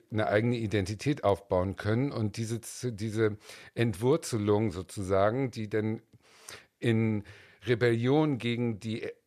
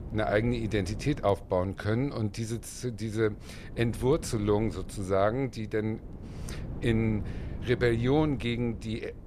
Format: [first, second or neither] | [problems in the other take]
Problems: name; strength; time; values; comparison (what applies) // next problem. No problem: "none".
first | wind noise on the microphone; occasional gusts; 20 dB below the speech